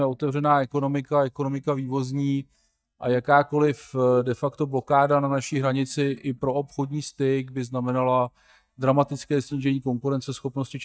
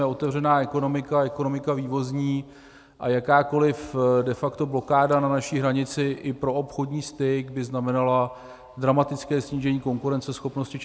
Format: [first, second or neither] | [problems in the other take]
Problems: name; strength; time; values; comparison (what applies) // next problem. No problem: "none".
second | noise reduction (neural mask model DeepFilterNet 3)